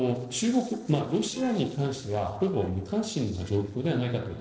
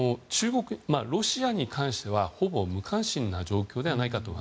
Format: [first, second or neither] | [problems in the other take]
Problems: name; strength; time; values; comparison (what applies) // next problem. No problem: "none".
second | noise reduction (neural separator model SepFormer DNS4)